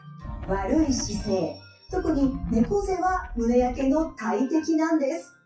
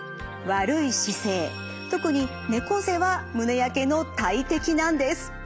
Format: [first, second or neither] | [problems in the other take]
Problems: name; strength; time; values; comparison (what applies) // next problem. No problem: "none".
second | noise reduction (classical method WPE with log-MMSE)